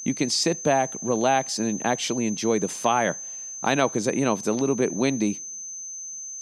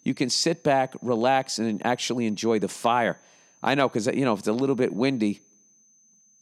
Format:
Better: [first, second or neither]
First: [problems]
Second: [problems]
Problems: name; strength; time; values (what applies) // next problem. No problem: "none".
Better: second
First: high-pitched whine; loud; throughout; 6 kHz, 9 dB below the speech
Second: high-pitched whine; faint; throughout; 6 kHz, 30 dB below the speech